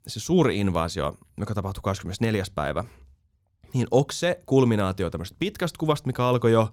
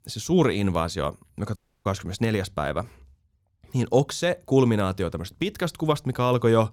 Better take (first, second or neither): first